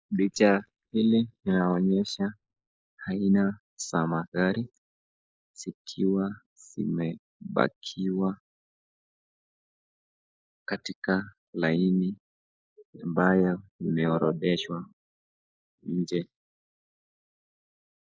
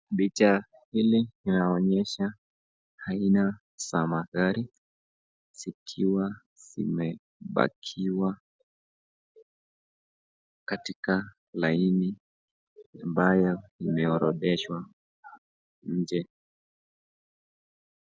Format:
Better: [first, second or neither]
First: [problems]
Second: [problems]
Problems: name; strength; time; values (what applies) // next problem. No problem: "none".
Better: second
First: noise reduction (neural mask model Resemble Enhance denoiser)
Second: none